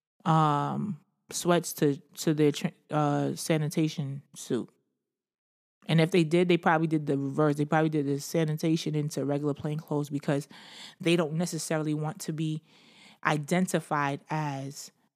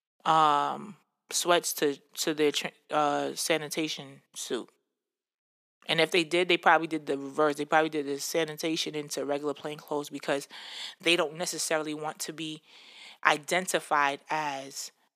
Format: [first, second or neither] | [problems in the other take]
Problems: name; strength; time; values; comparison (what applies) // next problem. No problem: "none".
first | thin; somewhat; fading below 450 Hz